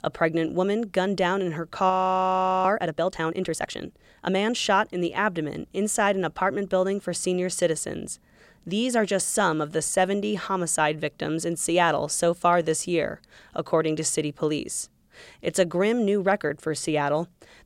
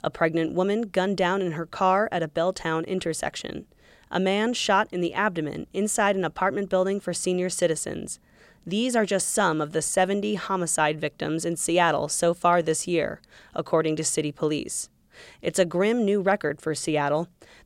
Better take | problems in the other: second | audio freezing; at 2 s for 0.5 s

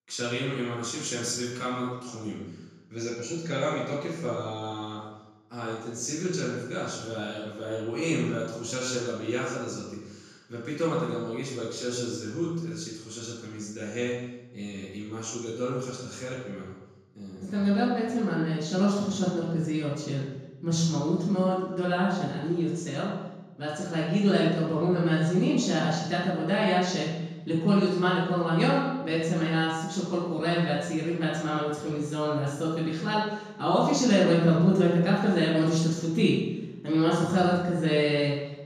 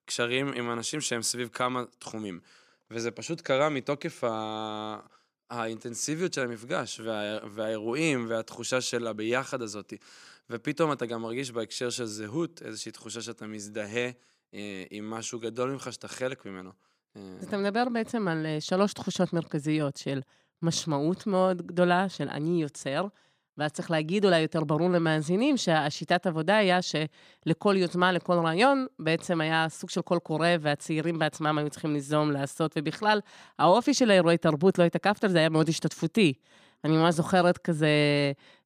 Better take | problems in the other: second | room echo; noticeable; dies away in 0.9 s // off-mic speech; far

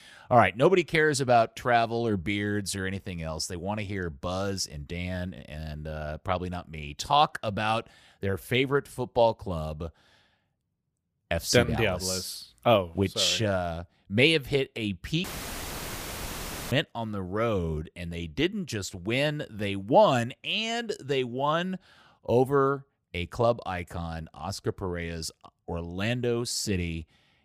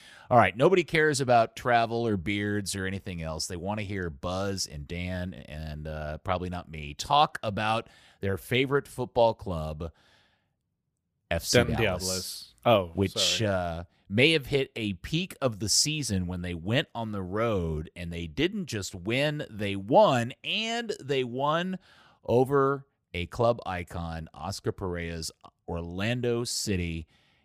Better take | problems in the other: second | audio cutting out; filled with static; at 15 s for 1.5 s

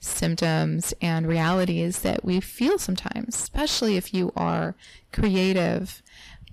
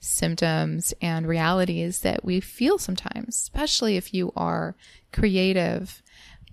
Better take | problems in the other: second | distortion; slight; 10 dB below the speech

